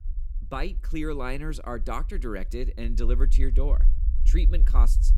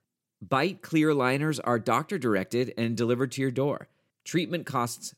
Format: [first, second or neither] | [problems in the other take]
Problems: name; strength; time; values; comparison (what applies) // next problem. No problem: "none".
second | low rumble; noticeable; throughout; 15 dB below the speech